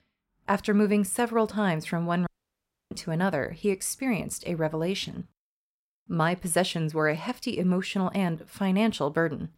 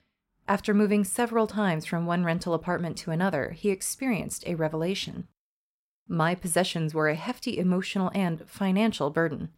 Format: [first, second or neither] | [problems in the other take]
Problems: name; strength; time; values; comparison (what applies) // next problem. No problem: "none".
second | audio cutting out; at 2.5 s for 0.5 s